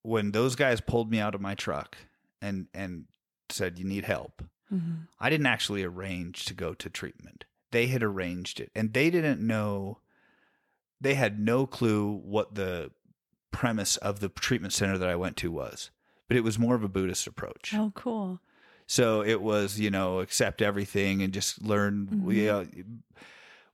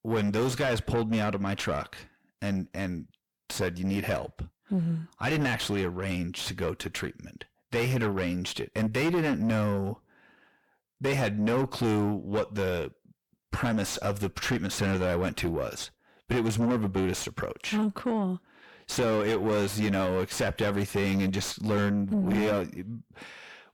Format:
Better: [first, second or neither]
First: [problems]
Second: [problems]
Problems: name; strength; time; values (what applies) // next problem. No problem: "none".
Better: first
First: none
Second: distortion; heavy; 6 dB below the speech